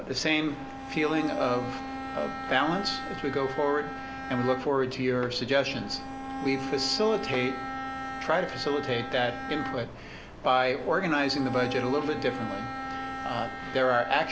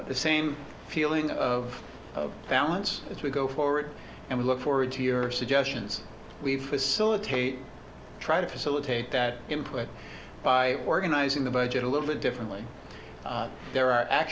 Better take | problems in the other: second | background sound (Bowed string instrument); 8 dB below the speech

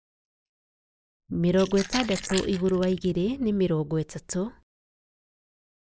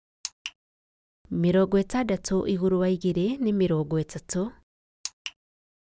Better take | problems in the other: second | noise reduction (neural mask model Resemble Enhance denoiser)

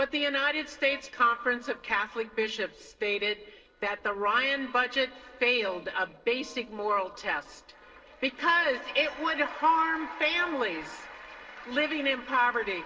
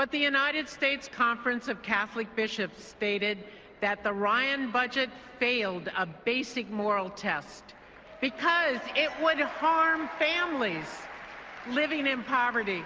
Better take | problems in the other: second | noise reduction (neural separator model SepFormer DNS4)

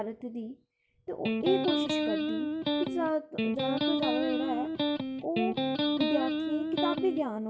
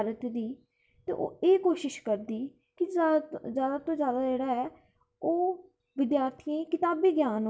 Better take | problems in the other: second | background sound (Electric guitar); 4 dB above the speech

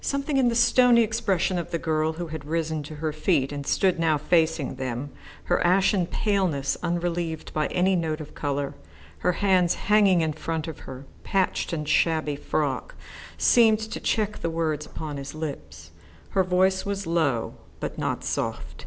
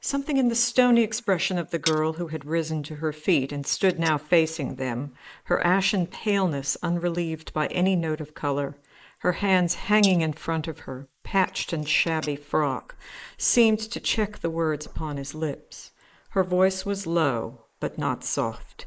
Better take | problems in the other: first | noise reduction (neural mask model Resemble Enhance denoiser)

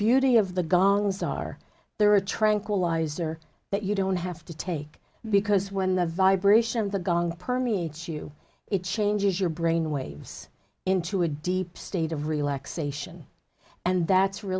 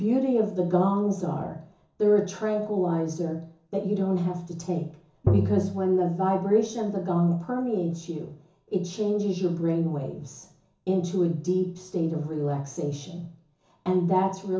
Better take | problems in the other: first | background sound (Tap); as loud as the speech // room echo; dies away in 0.7 s

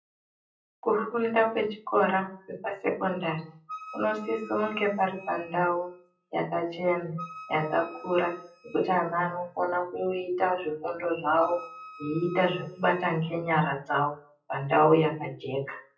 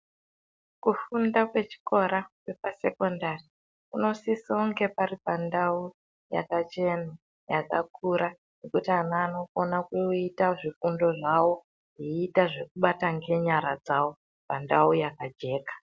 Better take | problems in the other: second | noise reduction (classical method WPE with log-MMSE)

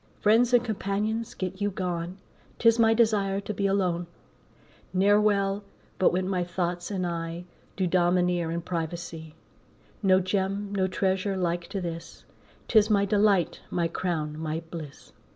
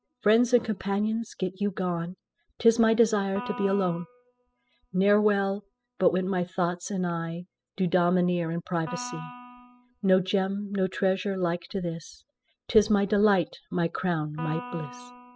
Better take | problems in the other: first | noise reduction (classical method spectral subtraction)

